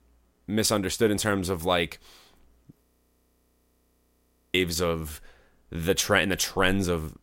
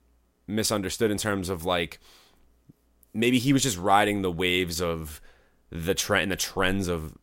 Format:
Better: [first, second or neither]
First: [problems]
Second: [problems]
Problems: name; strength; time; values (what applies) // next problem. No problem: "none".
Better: second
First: audio freezing; at 3 s for 1.5 s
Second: none